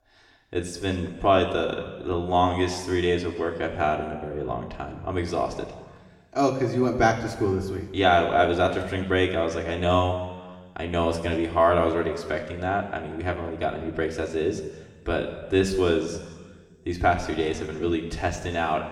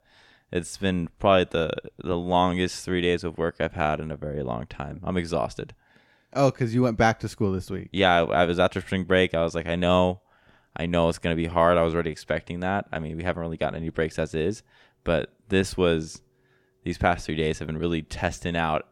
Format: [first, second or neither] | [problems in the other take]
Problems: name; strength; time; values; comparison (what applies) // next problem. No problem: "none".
second | room echo; slight; dies away in 1.2 s // off-mic speech; somewhat distant